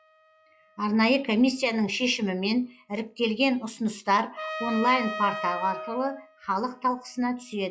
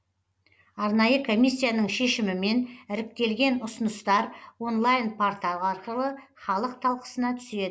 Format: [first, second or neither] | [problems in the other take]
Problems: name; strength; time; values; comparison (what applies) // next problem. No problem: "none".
second | noise reduction (classical method log-MMSE)